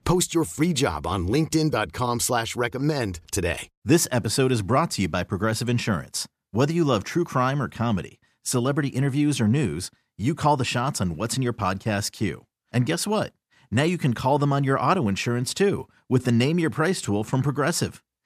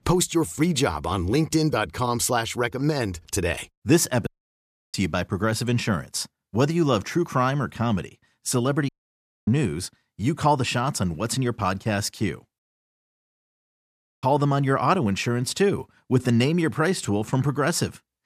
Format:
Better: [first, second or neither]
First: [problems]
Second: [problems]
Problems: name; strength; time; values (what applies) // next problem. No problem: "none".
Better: first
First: none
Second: audio cutting out; at 4.5 s for 0.5 s, at 9 s for 0.5 s and at 13 s for 1.5 s